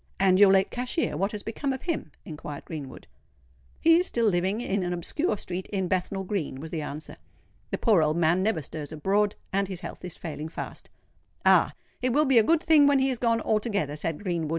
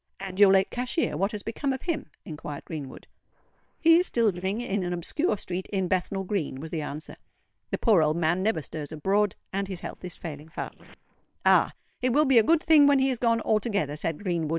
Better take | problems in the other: first | noise reduction (neural separator model SepFormer WHAM!)

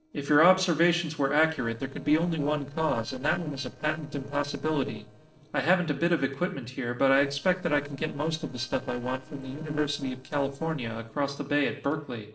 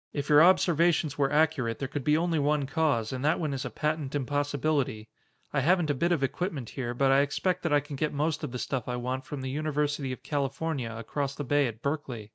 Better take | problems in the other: second | noise reduction (neural separator model SepFormer DNS4)

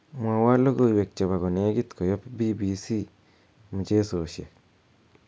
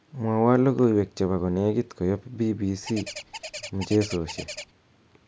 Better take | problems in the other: first | background sound (Bird); 13 dB below the speech

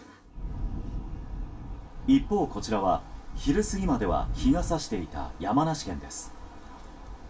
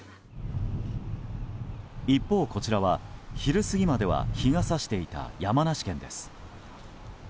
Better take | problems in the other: second | room echo; dies away in 0.2 s

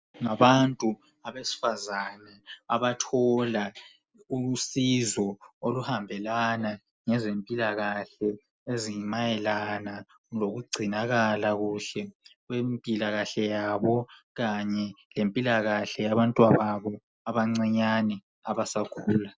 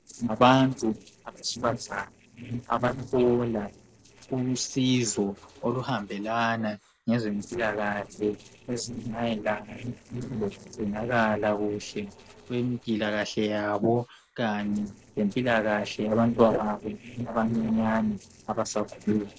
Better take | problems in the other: first | noise reduction (neural separator model SepFormer DNS4)

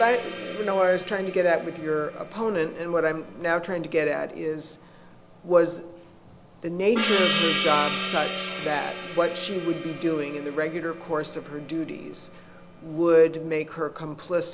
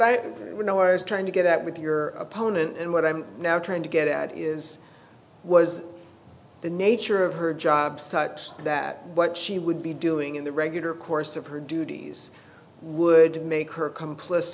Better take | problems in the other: second | background sound (Gong); 8 dB below the speech

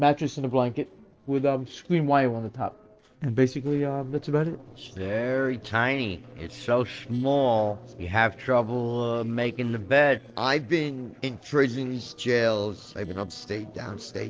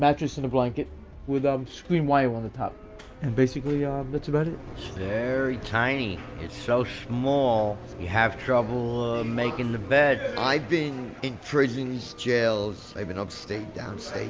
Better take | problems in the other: second | noise reduction (neural separator model SepFormer DNS4)

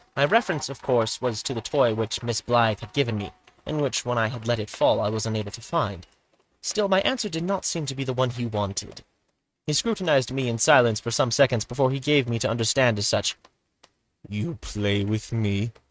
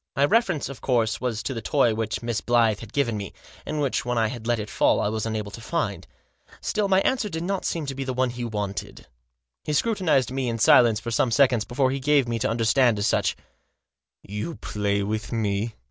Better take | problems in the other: second | noise reduction (neural mask model RNNoise)

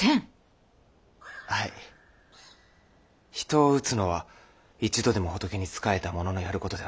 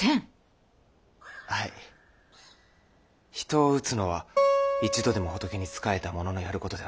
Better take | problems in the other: first | background sound (Acoustic guitar); 2 dB above the speech

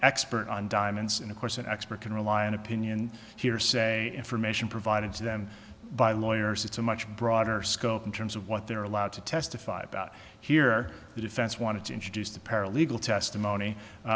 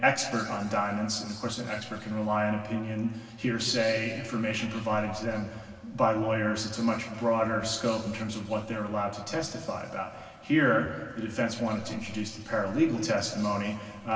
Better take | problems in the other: first | room echo; dies away in 2.3 s

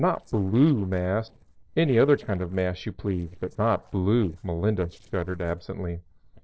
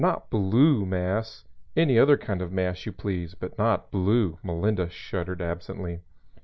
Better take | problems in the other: second | noise reduction (neural separator model SepFormer DNS4)

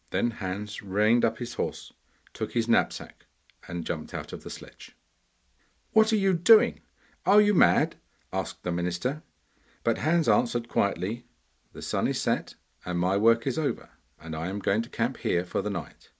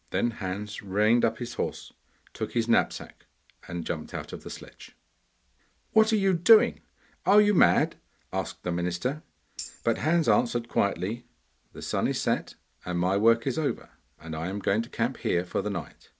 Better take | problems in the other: first | background sound (Tambourine); 18 dB below the speech

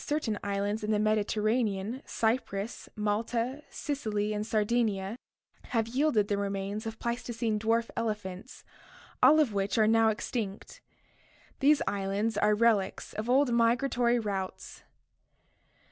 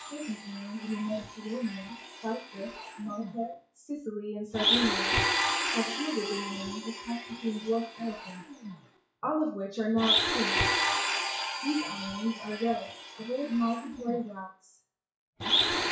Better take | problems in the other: first | noise reduction (classical method WPE with log-MMSE)

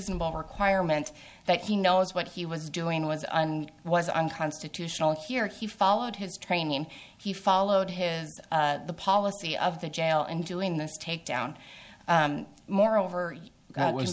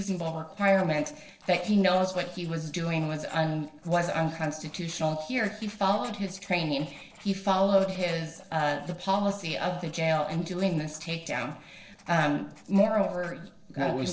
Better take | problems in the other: first | noise reduction (neural separator model SepFormer DNS4)

